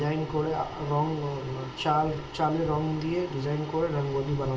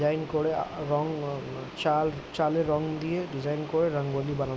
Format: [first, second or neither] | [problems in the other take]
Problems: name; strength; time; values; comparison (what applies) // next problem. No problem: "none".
second | room echo; dies away in 0.4 s